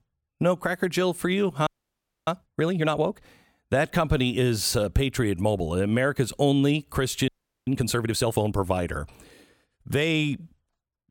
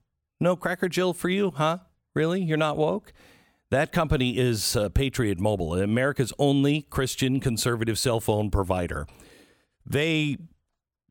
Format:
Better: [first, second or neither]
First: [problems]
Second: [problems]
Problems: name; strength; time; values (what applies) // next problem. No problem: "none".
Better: second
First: audio freezing; at 1.5 s for 0.5 s and at 7.5 s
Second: none